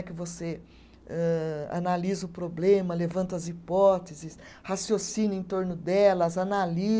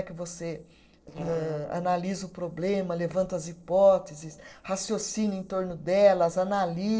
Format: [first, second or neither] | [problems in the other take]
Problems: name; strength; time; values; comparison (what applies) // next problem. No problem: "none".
first | noise reduction (neural separator model SepFormer DNS4)